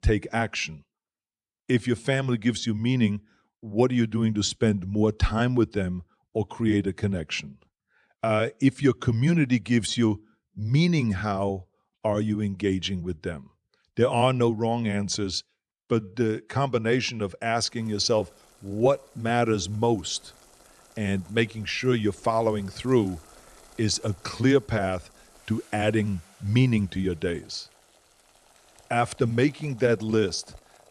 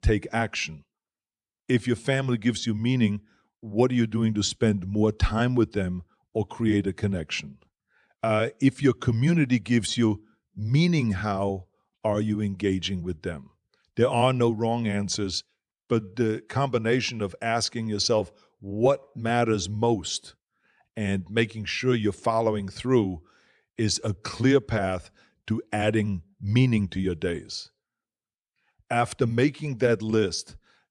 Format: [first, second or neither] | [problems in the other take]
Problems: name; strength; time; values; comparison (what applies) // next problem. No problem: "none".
second | household noises; faint; from 18 s on; 30 dB below the speech